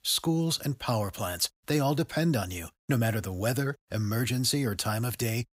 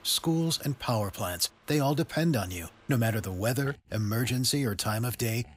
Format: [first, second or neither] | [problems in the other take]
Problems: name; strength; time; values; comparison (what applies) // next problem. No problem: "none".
first | machinery noise; faint; throughout; 25 dB below the speech